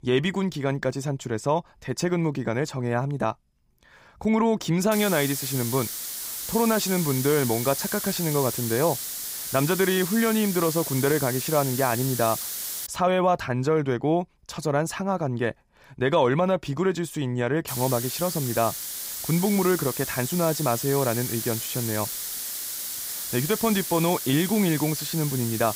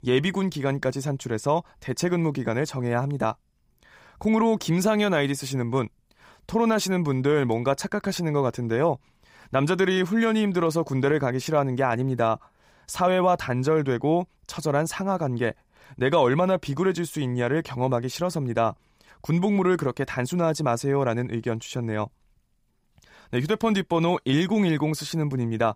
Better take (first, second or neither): second